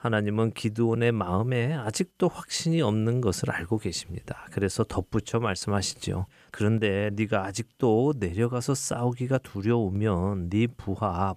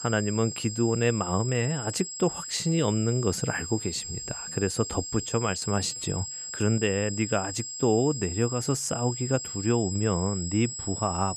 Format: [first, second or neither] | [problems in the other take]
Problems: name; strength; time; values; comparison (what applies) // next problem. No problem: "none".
first | high-pitched whine; loud; throughout; 7.5 kHz, 6 dB below the speech